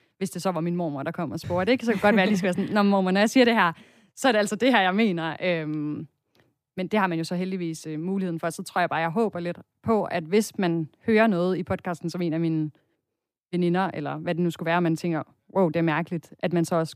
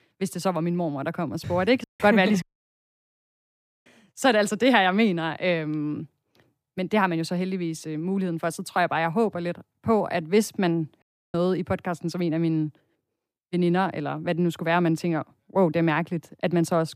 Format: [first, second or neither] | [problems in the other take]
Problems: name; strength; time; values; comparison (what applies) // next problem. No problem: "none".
first | audio cutting out; at 2 s, at 2.5 s for 1.5 s and at 11 s